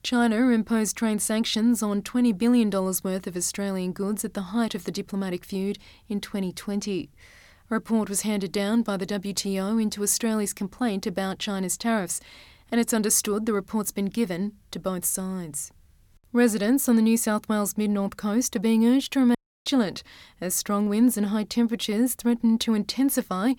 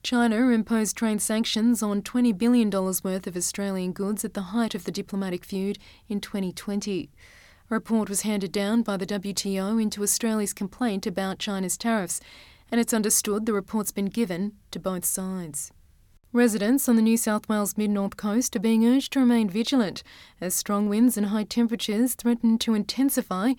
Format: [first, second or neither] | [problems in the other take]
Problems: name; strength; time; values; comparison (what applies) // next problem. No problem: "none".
second | audio cutting out; at 19 s